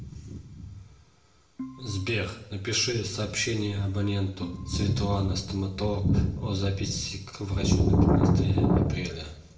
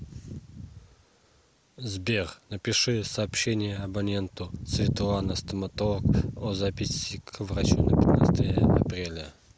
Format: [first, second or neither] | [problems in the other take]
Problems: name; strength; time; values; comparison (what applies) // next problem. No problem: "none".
second | background sound (Organ); 17 dB below the speech // room echo; dies away in 0.6 s